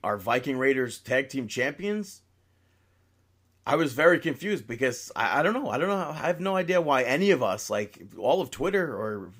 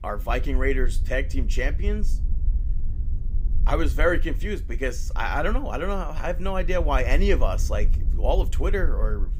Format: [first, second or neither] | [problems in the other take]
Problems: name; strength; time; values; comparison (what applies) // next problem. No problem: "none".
first | wind noise on the microphone; occasional gusts; 20 dB below the speech